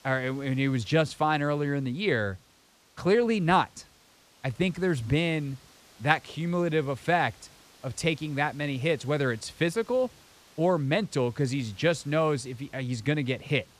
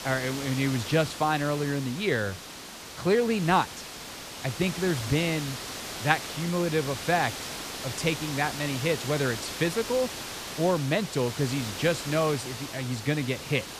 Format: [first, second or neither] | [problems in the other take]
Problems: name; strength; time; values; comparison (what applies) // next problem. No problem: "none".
first | hiss; loud; throughout; 8 dB below the speech; faint in the first